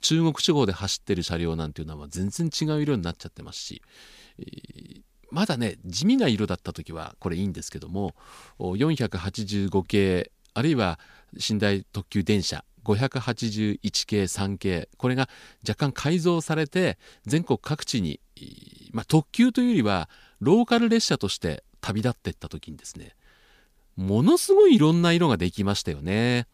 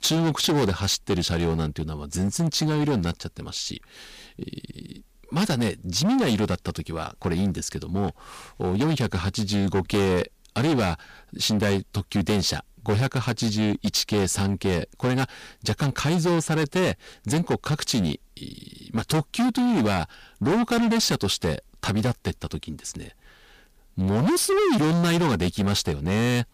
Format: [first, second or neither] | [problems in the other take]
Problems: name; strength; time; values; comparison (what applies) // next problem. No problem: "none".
first | distortion; heavy; 17% of the sound clipped